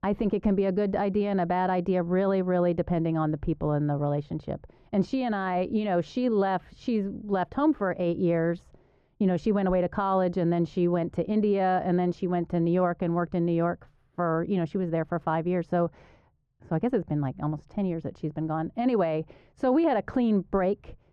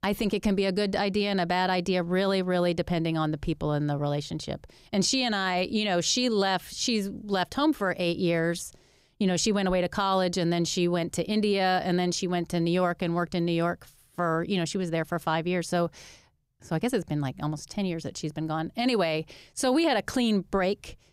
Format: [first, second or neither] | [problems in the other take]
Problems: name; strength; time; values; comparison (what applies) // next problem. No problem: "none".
second | muffled; very; fading above 3.5 kHz